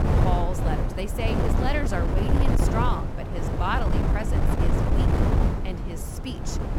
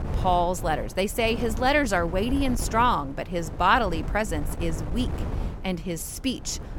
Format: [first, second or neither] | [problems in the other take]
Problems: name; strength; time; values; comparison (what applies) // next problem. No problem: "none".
second | wind noise on the microphone; heavy; 1 dB below the speech; occasional gusts in the second